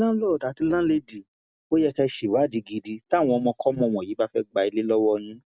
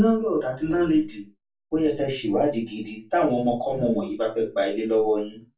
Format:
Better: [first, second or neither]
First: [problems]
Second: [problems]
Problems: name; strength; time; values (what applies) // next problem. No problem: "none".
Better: first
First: none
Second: room echo; dies away in 0.2 s